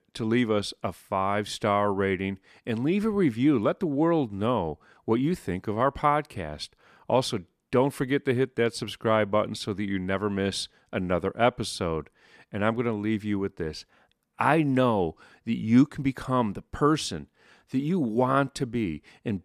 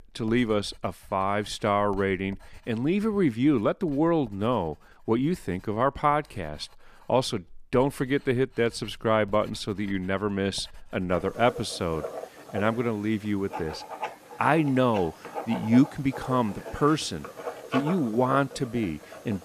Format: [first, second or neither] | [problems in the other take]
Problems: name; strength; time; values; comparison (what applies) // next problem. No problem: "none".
first | household noises; noticeable; throughout; 15 dB below the speech